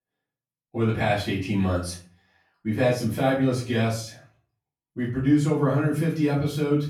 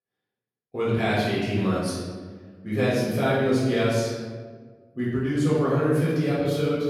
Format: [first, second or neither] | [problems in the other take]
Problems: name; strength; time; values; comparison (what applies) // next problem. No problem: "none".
first | room echo; strong; dies away in 1.4 s; slight in the first // off-mic speech; far; far in the first